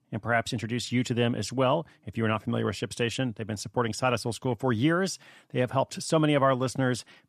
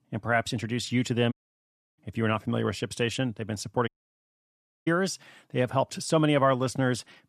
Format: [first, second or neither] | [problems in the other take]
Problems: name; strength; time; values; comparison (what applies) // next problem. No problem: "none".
first | audio cutting out; at 1.5 s for 0.5 s and at 4 s for 1 s